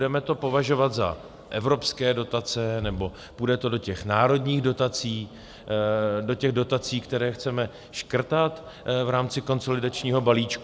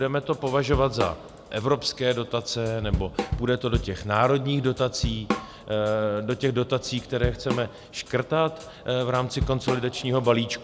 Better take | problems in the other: first | background sound (Drum / Drum kit); 8 dB below the speech

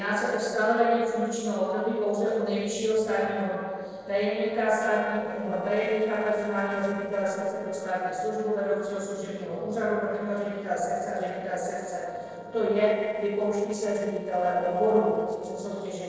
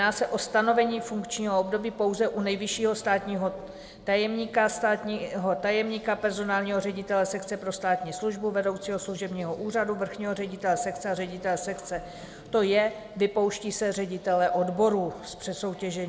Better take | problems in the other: second | noise reduction (neural separator model SepFormer DNS4)

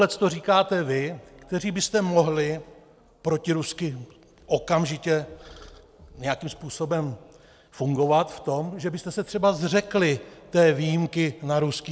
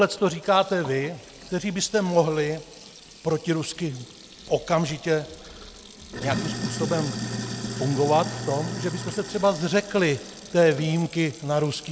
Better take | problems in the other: first | background sound (Sink (filling or washing)); 11 dB below the speech

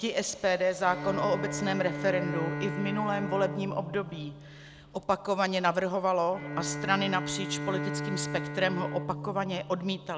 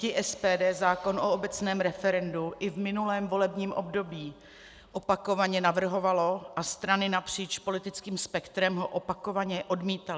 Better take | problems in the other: second | background sound (Bowed string instrument); 7 dB below the speech

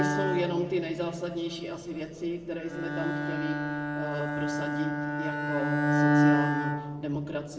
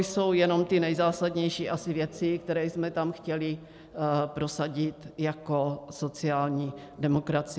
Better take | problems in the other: second | background sound (Bowed string instrument); 4 dB above the speech // room echo; dies away in 1.7 s

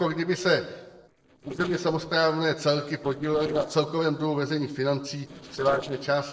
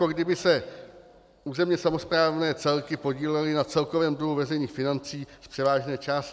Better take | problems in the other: second | noise reduction (neural separator model SepFormer DNS4)

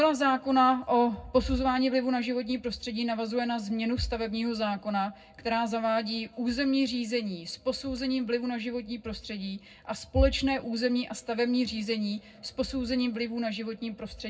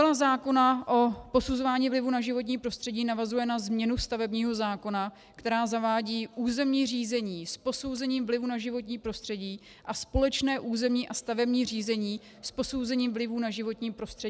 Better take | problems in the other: second | room echo; dies away in 0.3 s

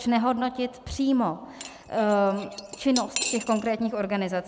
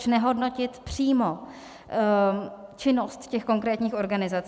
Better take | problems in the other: second | background sound (Cutlery, silverware / Dishes, pots, and pans); 9 dB below the speech

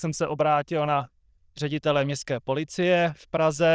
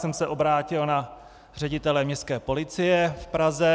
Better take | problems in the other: second | noise reduction (neural diffusion model UNIVERSE++)

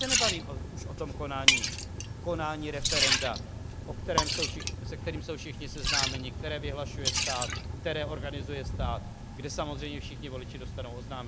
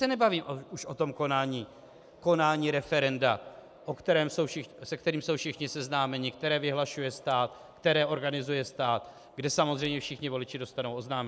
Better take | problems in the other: second | background sound (Liquid); 5 dB above the speech

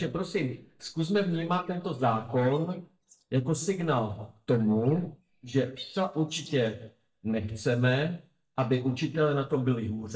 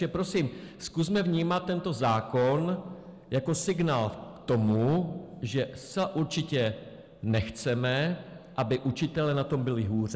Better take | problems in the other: second | noise reduction (neural mask model DeepFilterNet 3)

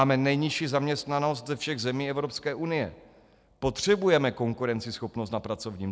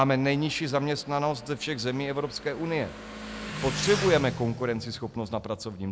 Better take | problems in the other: first | background sound (Motorcycle); 10 dB below the speech

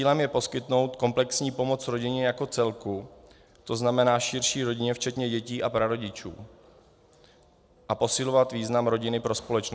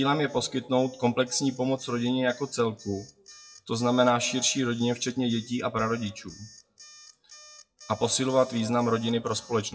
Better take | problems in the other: first | noise reduction (classical method WPE with log-MMSE)

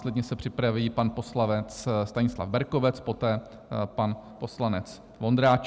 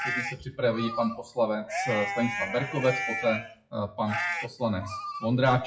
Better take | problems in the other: first | noise reduction (classical method WPE with log-MMSE)

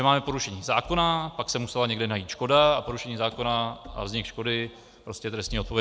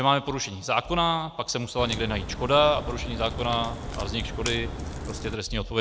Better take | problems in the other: first | background sound (Crack); 7 dB below the speech

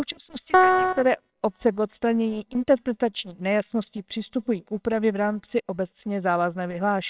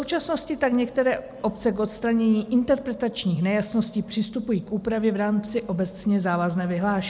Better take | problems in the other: second | noise reduction (neural separator model SepFormer WHAMR!)

